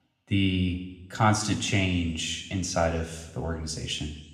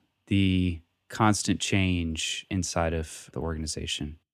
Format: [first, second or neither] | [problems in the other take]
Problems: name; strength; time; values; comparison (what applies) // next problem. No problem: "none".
second | room echo; slight; dies away in 1 s